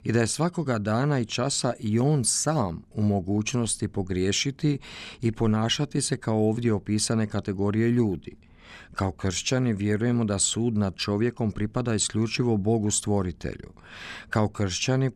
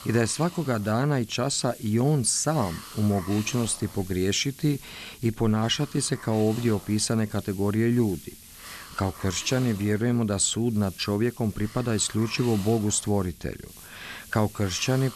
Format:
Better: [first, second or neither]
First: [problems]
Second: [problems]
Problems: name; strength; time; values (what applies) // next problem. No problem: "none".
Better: first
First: none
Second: hiss; noticeable; throughout; 20 dB below the speech